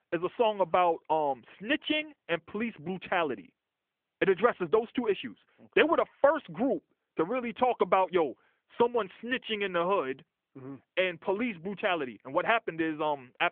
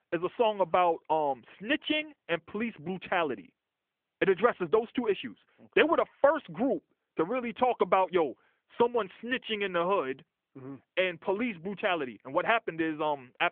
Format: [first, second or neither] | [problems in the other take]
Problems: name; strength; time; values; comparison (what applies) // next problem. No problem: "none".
neither | phone-call audio; nothing above 3.5 kHz; the same in both